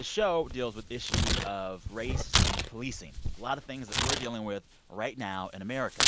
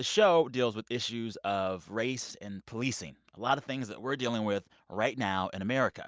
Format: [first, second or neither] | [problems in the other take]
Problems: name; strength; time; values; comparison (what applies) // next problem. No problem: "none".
second | background sound (Tearing); 2 dB above the speech